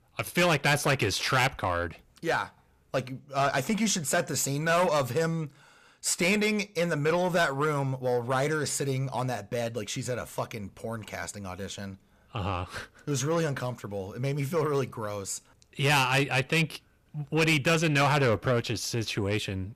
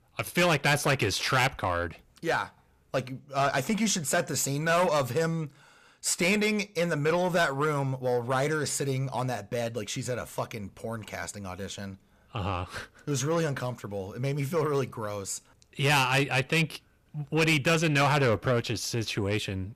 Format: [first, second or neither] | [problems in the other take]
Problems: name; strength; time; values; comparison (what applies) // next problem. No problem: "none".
neither | distortion; heavy; 7 dB below the speech; the same in both